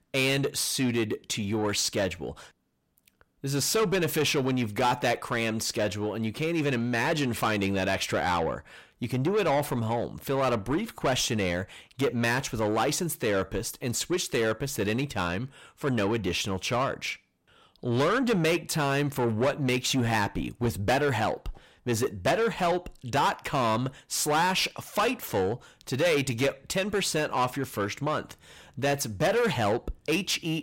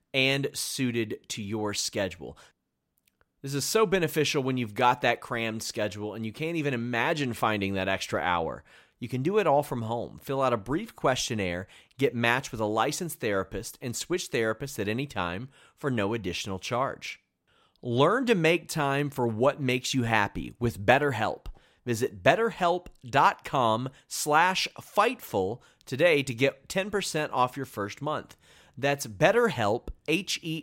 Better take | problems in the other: second | distortion; heavy; 7 dB below the speech

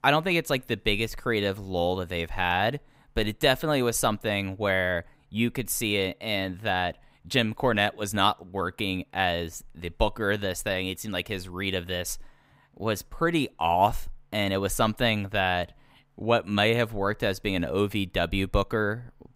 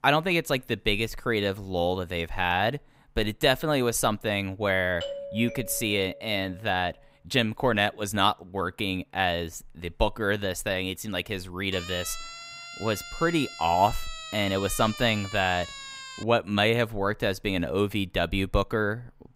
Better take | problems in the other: first | doorbell; noticeable; from 5 to 6.5 s; peak 8 dB below the speech // siren; faint; from 12 to 16 s; peak 10 dB below the speech

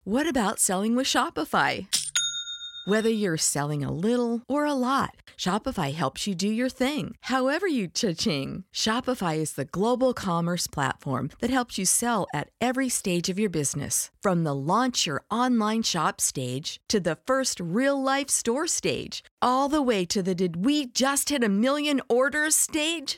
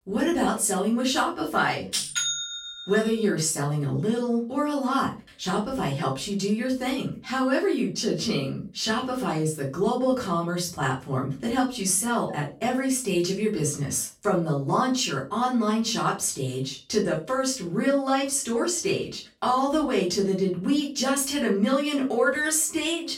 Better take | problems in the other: first | off-mic speech; far // room echo; slight; dies away in 0.3 s

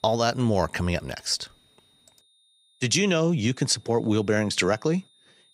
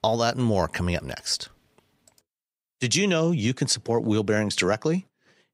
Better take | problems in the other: second | high-pitched whine; faint; throughout; 3.5 kHz, 35 dB below the speech

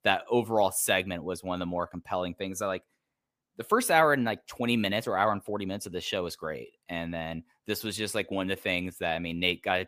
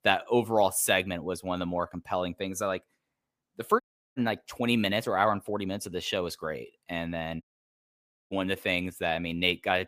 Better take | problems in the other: first | audio cutting out; at 4 s and at 7.5 s for 1 s

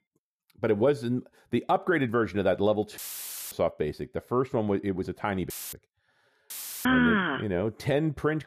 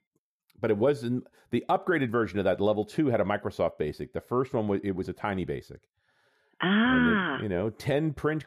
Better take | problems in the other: second | audio cutting out; filled with static; at 3 s for 0.5 s, at 5.5 s and at 6.5 s

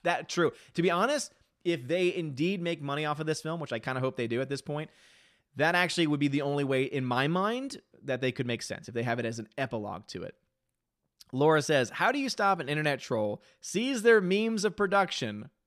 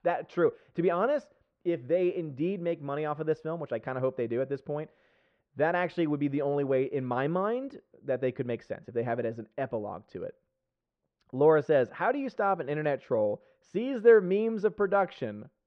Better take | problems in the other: first | muffled; very; fading above 1.5 kHz

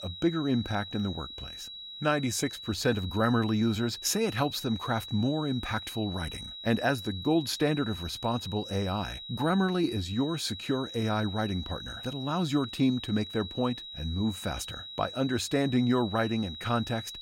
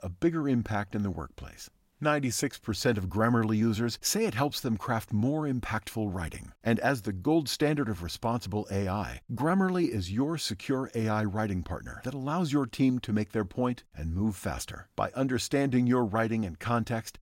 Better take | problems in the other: second | high-pitched whine; loud; throughout; 4 kHz, 10 dB below the speech

